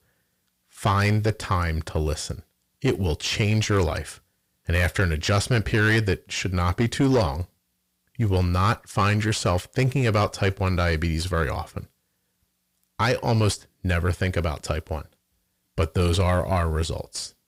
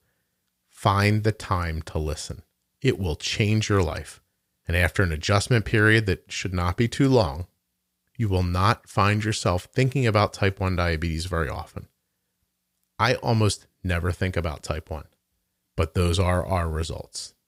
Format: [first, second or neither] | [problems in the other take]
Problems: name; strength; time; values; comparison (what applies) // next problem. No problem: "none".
second | distortion; slight; 10 dB below the speech